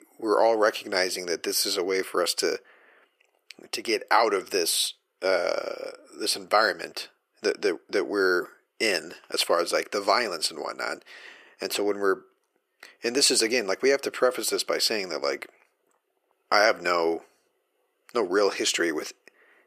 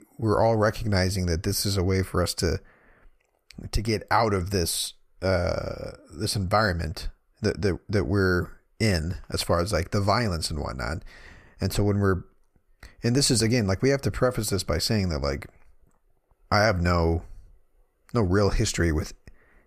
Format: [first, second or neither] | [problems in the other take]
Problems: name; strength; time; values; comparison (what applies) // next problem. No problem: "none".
second | thin; very; fading below 350 Hz